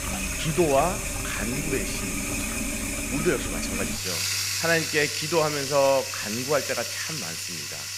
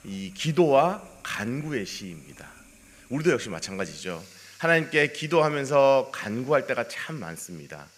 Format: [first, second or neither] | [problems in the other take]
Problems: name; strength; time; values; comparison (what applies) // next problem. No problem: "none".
second | household noises; loud; throughout; 1 dB below the speech; faint in the second